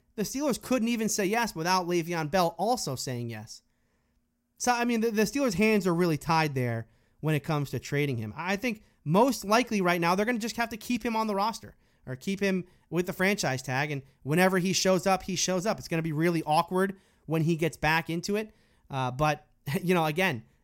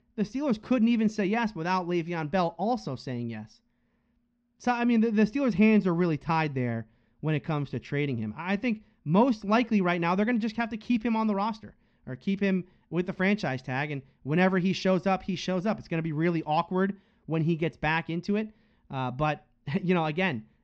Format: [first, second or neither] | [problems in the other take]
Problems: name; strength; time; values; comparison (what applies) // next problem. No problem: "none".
first | muffled; slightly; fading above 4 kHz